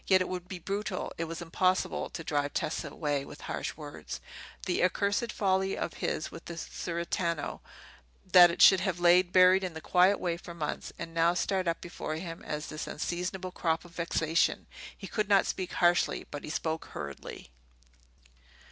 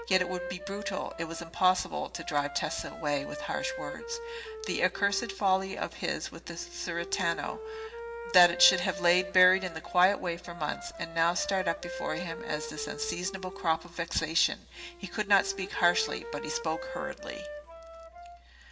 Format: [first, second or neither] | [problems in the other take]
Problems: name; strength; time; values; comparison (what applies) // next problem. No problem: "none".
first | background sound (Wind instrument, woodwind instrument); 11 dB below the speech // room echo; dies away in 0.6 s